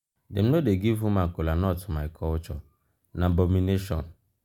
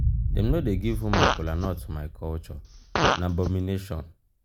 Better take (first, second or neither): first